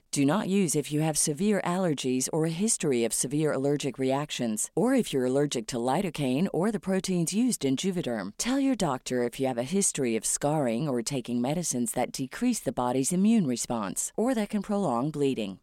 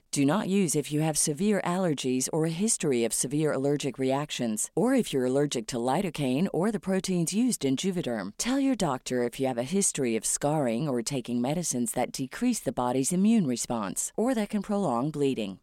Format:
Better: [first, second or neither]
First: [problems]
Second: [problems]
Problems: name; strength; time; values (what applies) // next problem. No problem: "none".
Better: neither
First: none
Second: none